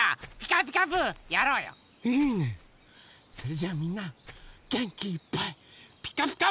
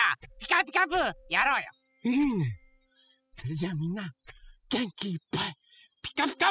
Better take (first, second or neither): first